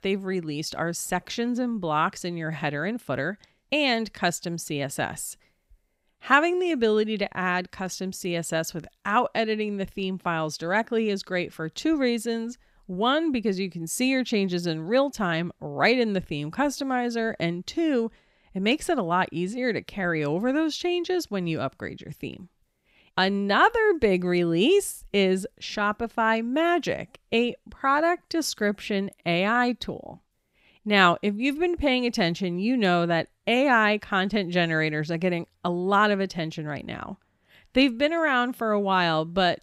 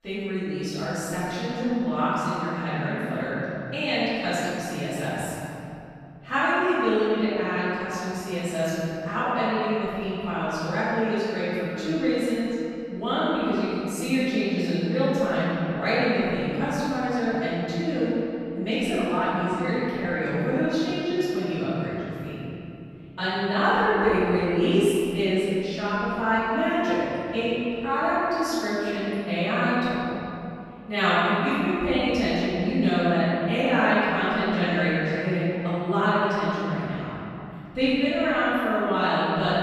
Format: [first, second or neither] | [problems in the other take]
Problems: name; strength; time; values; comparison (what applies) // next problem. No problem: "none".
first | off-mic speech; far // room echo; strong; dies away in 3 s